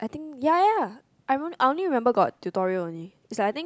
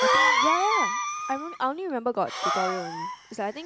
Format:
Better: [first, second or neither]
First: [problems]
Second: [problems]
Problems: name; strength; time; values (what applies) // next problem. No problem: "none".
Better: first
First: none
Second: background sound (Cough); 4 dB above the speech